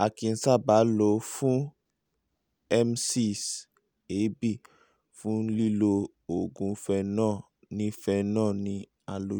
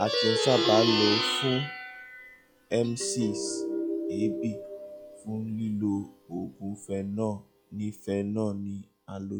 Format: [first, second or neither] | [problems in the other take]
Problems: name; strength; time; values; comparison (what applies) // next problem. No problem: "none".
first | noise reduction (classical method log-MMSE)